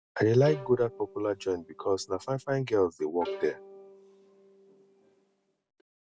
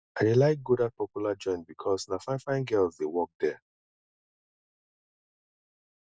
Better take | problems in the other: second | background sound (Bowed string instrument); 15 dB below the speech

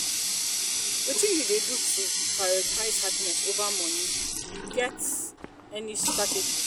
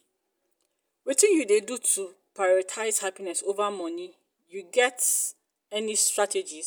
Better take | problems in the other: second | background sound (Water tap, faucet); 4 dB above the speech

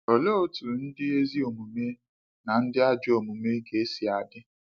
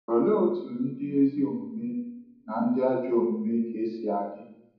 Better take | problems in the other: first | room echo; dies away in 1.2 s

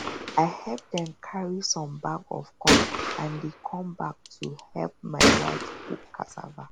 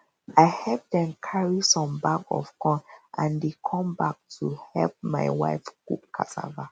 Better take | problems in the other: second | background sound (Gunshot, gunfire); 3 dB above the speech

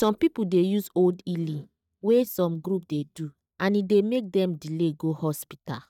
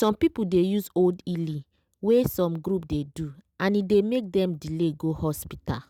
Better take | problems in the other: second | noise reduction (neural mask model DeepFilterNet 3)

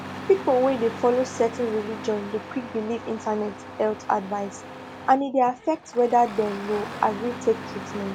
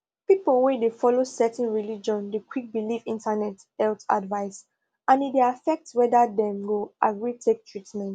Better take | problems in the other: second | background sound (Engine starting); 12 dB below the speech

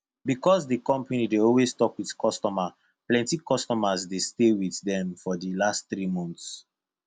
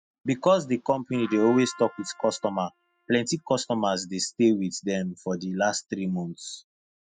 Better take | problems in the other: first | noise reduction (classical method spectral subtraction)

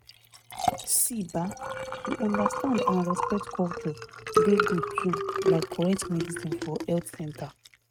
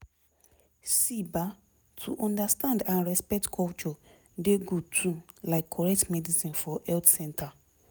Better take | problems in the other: second | noise reduction (neural mask model RNNoise)

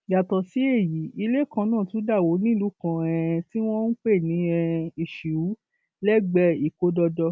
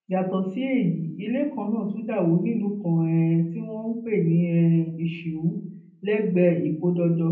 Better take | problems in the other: first | room echo; dies away in 0.6 s

